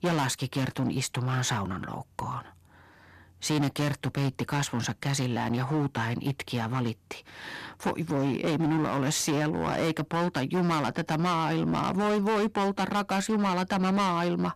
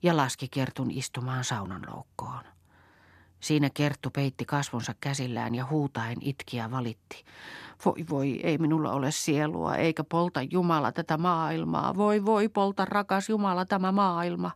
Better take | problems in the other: second | distortion; heavy; 20% of the sound clipped

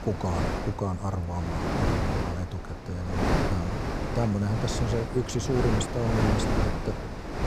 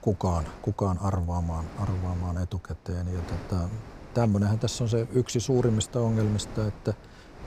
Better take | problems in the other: second | wind noise on the microphone; heavy; 3 dB above the speech; occasional gusts in the second

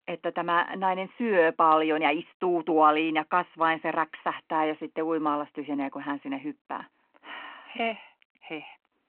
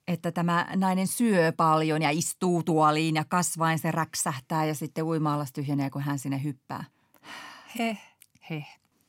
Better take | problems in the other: second | phone-call audio

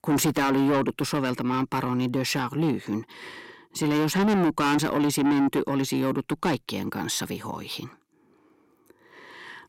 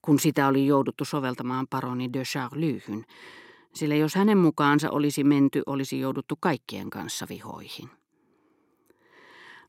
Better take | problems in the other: second | distortion; heavy; 6 dB below the speech

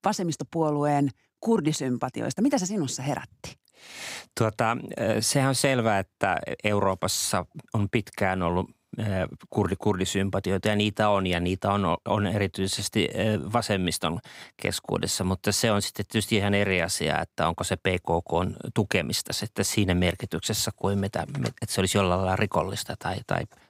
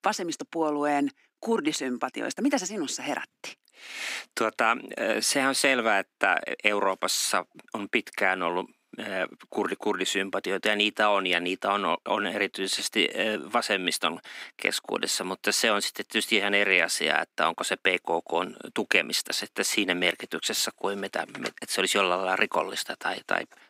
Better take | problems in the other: first | thin; somewhat; fading below 250 Hz

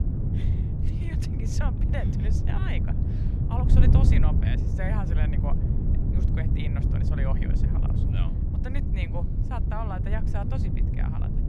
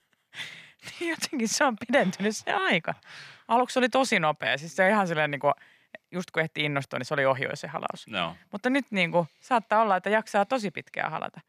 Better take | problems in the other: second | wind noise on the microphone; heavy; as loud as the speech

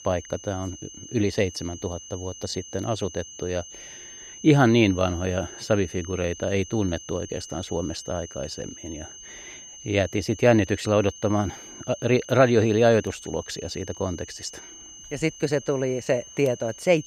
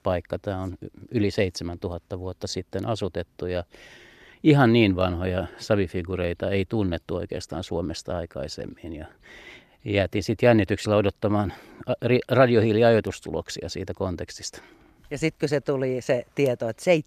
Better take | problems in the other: second | high-pitched whine; noticeable; throughout; 6.5 kHz, 15 dB below the speech

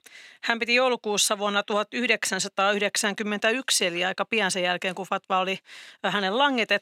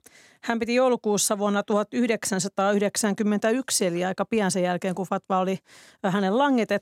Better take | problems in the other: second | thin; very slightly; fading below 300 Hz

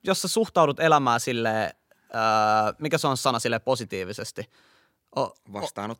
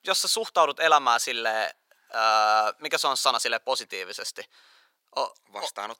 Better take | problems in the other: first | thin; very; fading below 700 Hz

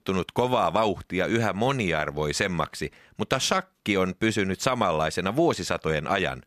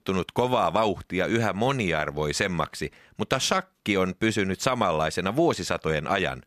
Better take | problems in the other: neither | none

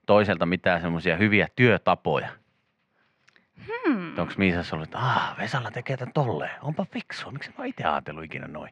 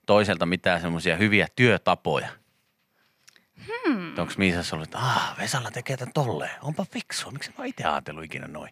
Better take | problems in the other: second | muffled; slightly; fading above 3 kHz

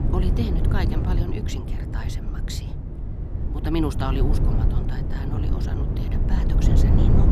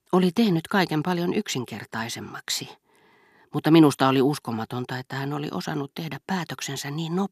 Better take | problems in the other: second | low rumble; loud; throughout; 1 dB below the speech

